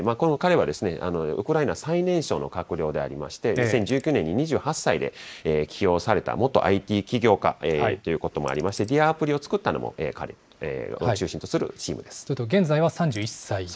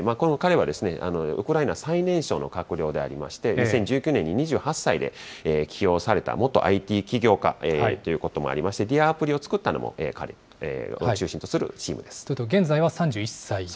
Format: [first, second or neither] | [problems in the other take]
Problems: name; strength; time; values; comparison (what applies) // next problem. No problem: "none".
second | noise reduction (neural mask model Resemble Enhance denoiser)